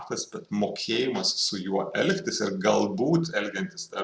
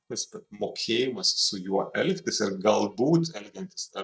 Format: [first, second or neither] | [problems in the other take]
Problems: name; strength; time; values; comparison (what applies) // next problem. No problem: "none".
first | noise reduction (neural mask model DeepFilterNet 3)